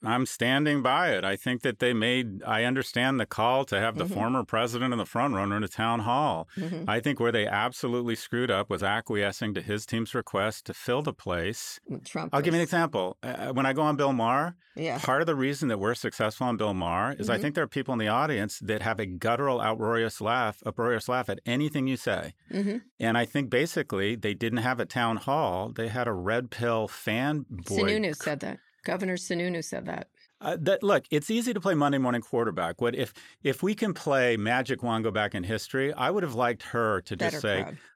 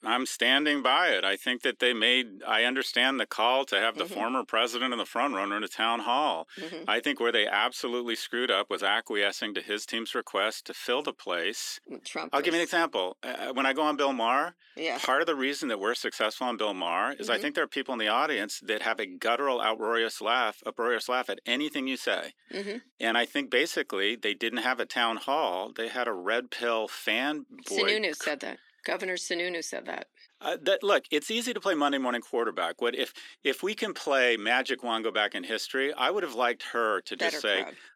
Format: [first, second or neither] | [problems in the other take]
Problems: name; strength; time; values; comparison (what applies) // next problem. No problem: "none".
first | thin; very slightly; fading below 250 Hz